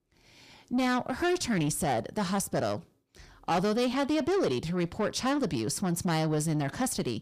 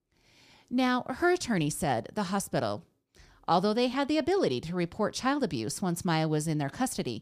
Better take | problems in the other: second | distortion; slight; 10 dB below the speech

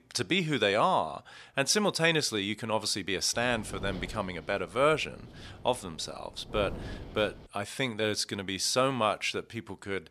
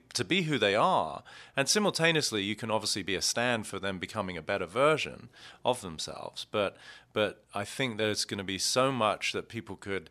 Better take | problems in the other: second | wind noise on the microphone; occasional gusts; from 3.5 to 7.5 s; 20 dB below the speech

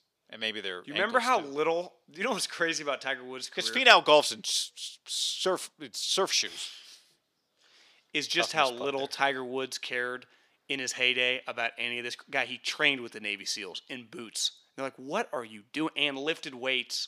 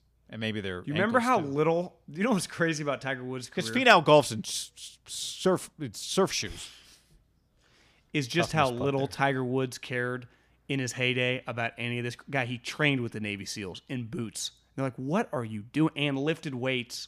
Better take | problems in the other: second | thin; somewhat; fading below 400 Hz

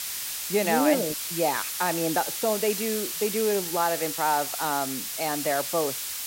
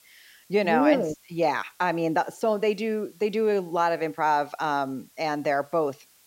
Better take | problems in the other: second | hiss; loud; throughout; 2 dB below the speech; faint in the second

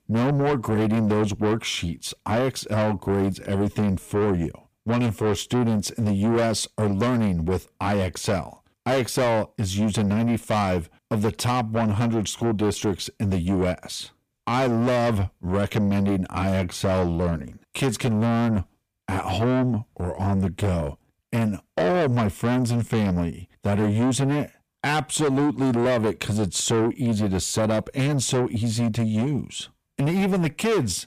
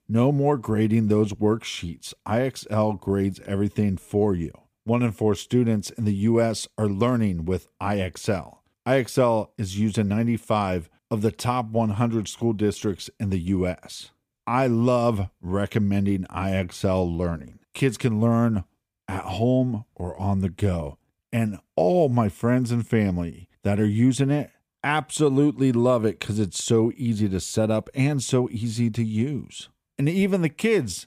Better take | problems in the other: second | distortion; heavy; 7 dB below the speech

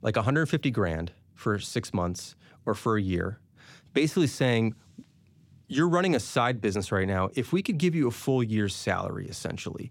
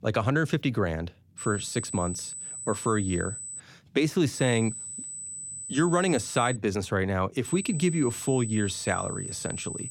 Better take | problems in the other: first | high-pitched whine; loud; from 1.5 to 3.5 s, from 4.5 to 6.5 s and from 7.5 s on; 8 kHz, 8 dB below the speech

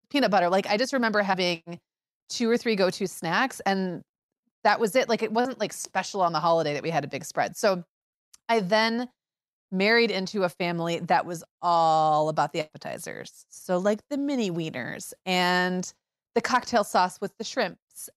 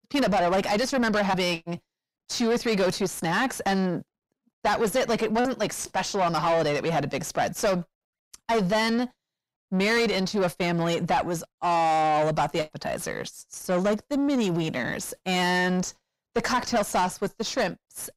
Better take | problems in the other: first | distortion; heavy; 6 dB below the speech

